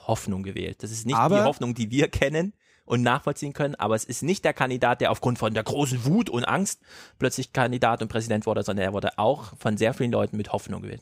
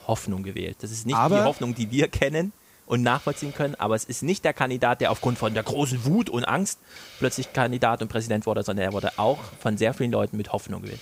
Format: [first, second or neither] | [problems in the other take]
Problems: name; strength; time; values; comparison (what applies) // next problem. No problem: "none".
first | hiss; faint; throughout; 20 dB below the speech